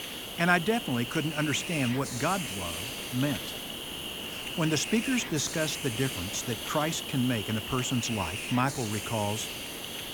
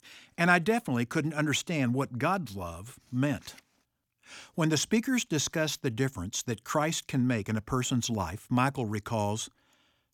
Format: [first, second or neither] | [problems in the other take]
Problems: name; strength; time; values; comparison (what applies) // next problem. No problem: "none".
second | hiss; loud; throughout; 5 dB below the speech